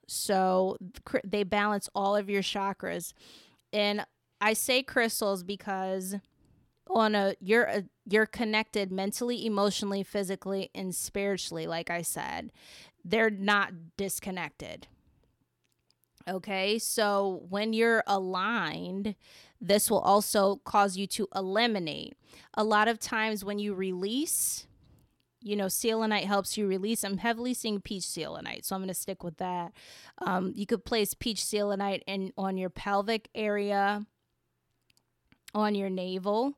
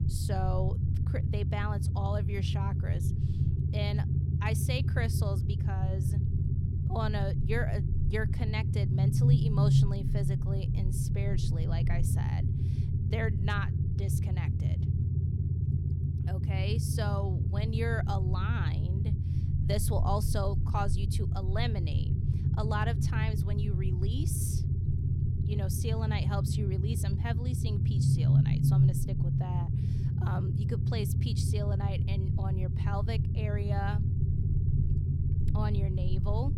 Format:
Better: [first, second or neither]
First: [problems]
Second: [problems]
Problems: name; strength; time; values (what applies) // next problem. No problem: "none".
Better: first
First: none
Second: low rumble; loud; throughout; 3 dB below the speech